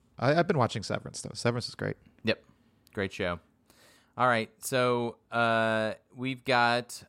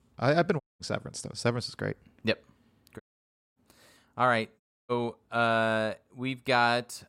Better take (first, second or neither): first